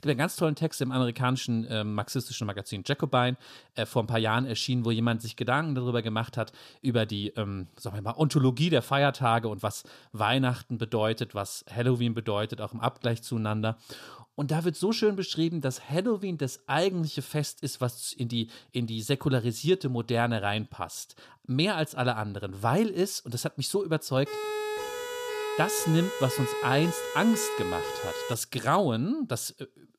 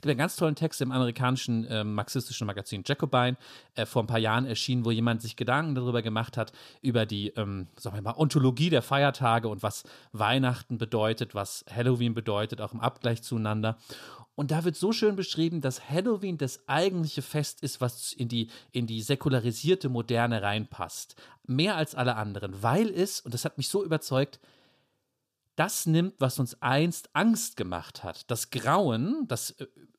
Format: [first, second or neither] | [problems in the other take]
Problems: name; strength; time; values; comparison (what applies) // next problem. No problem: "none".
second | siren; noticeable; from 24 to 28 s; peak 3 dB below the speech